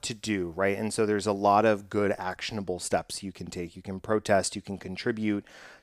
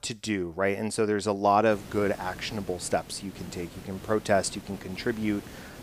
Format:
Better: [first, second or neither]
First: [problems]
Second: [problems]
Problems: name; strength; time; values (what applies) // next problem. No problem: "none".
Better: first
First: none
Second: hiss; noticeable; from 1.5 s on; 15 dB below the speech